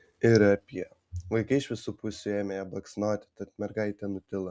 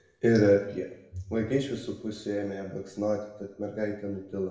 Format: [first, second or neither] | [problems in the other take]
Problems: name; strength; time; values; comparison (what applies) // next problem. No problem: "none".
first | room echo; dies away in 0.8 s